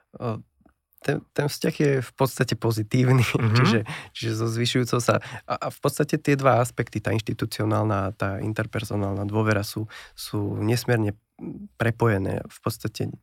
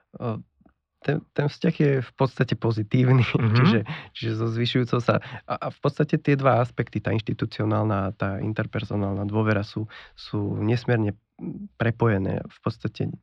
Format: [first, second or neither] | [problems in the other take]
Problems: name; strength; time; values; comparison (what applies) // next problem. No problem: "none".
first | muffled; very slightly; fading above 4 kHz